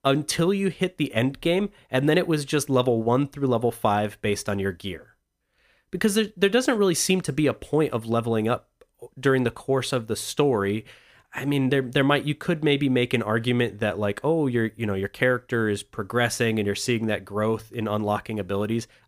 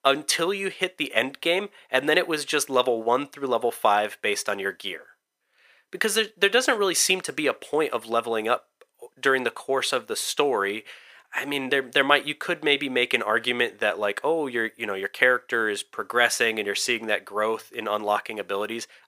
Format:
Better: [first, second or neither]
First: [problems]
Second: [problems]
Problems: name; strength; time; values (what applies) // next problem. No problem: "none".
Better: first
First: none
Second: thin; somewhat; fading below 500 Hz